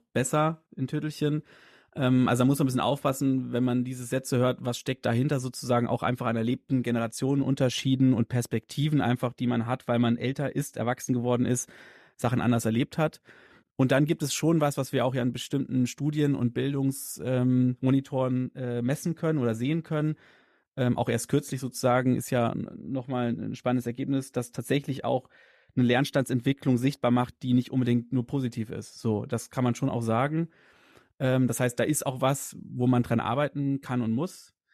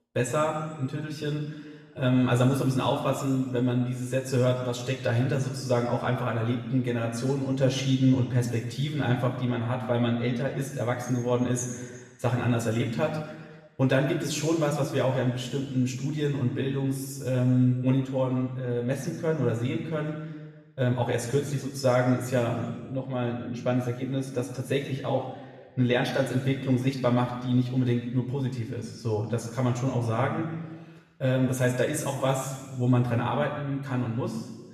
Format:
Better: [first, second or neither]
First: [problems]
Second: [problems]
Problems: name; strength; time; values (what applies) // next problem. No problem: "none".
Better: first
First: none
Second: room echo; noticeable; dies away in 1.2 s // off-mic speech; somewhat distant